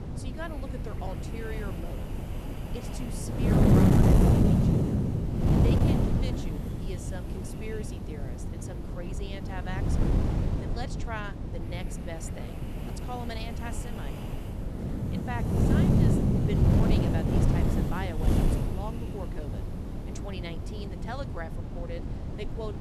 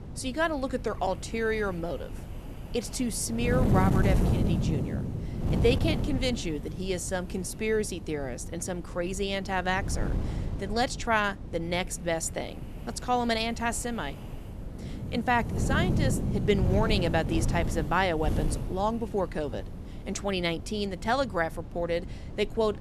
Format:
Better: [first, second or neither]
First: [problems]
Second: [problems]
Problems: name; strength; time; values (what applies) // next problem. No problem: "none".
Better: second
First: wind noise on the microphone; heavy; 5 dB above the speech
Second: wind noise on the microphone; occasional gusts; 10 dB below the speech